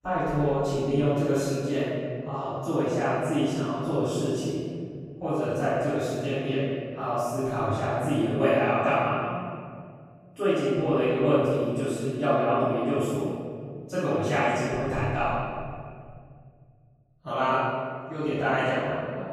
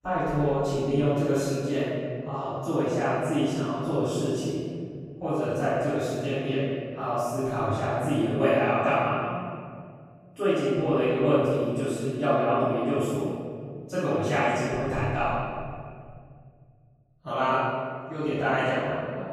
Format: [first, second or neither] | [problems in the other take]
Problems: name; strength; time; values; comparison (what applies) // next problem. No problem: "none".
neither | off-mic speech; far; the same in both // room echo; strong; dies away in 2.3 s; the same in both